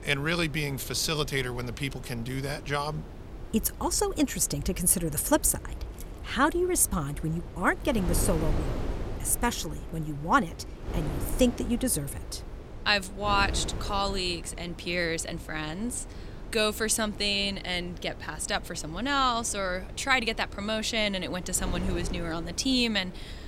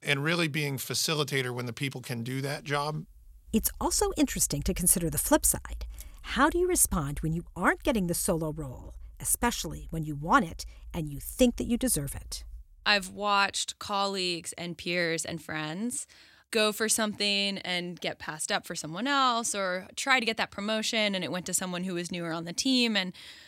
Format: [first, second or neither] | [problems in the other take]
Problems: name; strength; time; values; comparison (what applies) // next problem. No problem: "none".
second | wind noise on the microphone; occasional gusts; 15 dB below the speech